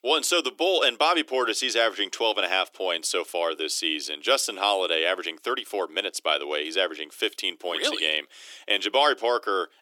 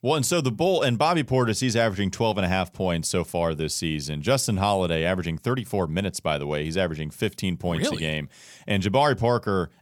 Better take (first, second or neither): second